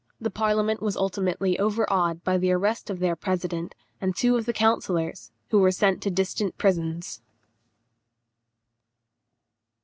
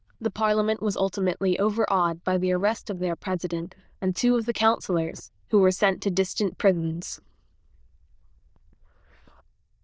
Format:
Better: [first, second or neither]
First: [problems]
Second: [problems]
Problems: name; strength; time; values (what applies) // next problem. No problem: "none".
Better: first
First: none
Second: noise reduction (neural diffusion model UNIVERSE++)